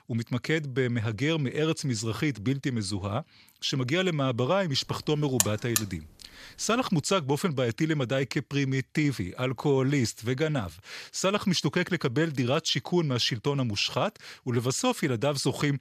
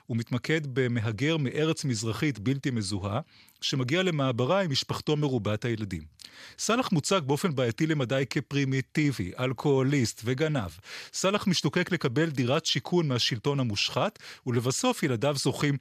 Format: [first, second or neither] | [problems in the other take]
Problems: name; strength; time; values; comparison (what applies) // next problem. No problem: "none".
second | alarm; loud; at 5.5 s; peak 2 dB above the speech